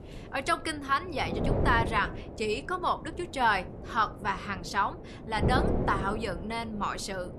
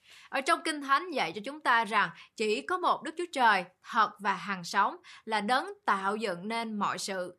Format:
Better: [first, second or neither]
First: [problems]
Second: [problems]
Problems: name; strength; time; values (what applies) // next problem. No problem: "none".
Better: second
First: wind noise on the microphone; occasional gusts; 10 dB below the speech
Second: none